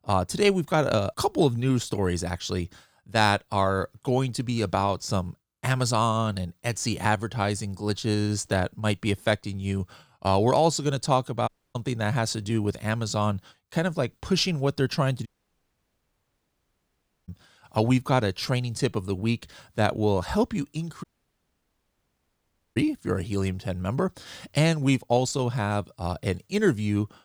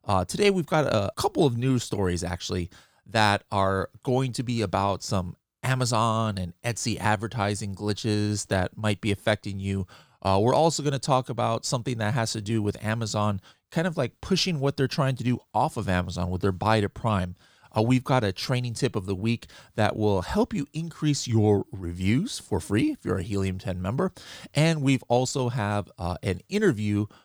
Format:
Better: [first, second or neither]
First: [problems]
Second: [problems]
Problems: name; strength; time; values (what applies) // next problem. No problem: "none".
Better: second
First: audio cutting out; at 11 s, at 15 s for 2 s and at 21 s for 1.5 s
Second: none